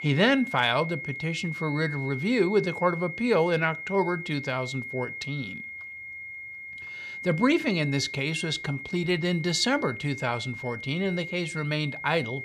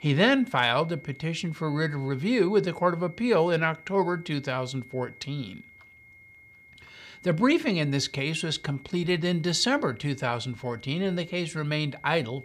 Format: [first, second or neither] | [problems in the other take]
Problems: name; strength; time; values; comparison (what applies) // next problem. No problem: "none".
second | high-pitched whine; loud; throughout; 2 kHz, 9 dB below the speech; faint in the second